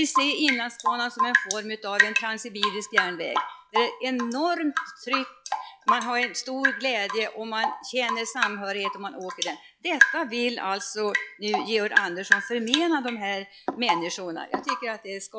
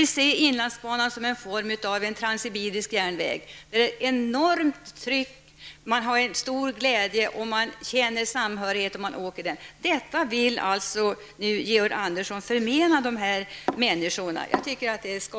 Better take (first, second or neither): second